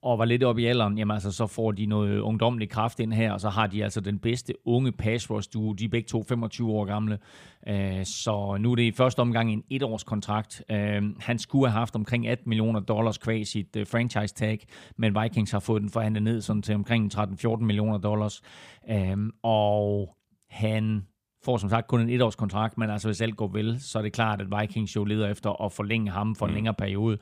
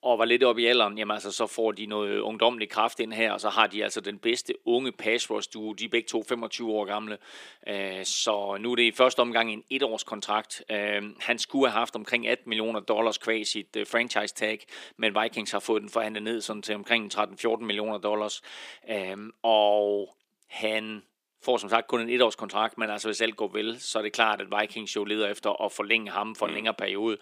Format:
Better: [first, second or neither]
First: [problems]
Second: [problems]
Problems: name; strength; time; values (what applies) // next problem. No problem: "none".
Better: first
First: none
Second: thin; somewhat; fading below 350 Hz